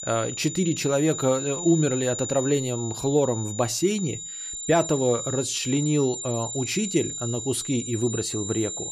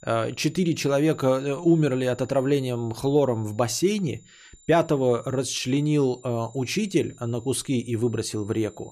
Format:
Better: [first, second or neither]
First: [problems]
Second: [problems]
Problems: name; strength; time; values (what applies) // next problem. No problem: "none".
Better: second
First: high-pitched whine; loud; throughout; 7 kHz, 6 dB below the speech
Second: high-pitched whine; faint; throughout; 7 kHz, 30 dB below the speech